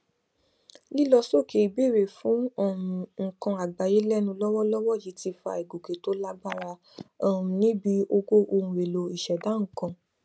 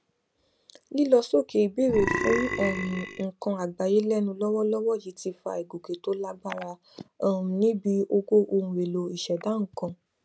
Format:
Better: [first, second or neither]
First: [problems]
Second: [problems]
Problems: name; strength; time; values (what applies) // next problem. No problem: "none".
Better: first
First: none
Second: background sound (Burping, eructation); 3 dB below the speech